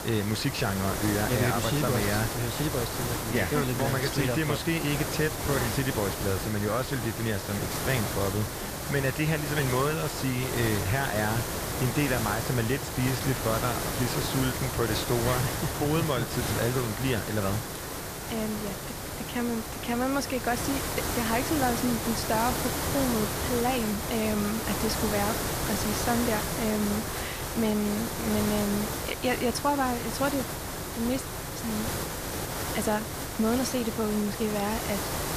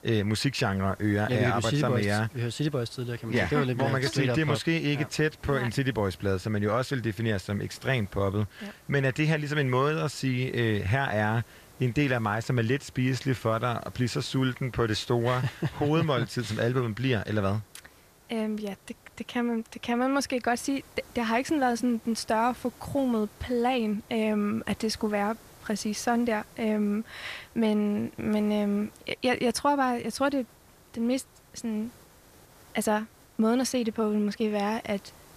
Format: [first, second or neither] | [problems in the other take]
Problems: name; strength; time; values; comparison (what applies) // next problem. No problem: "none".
second | hiss; loud; throughout; 2 dB below the speech; faint in the second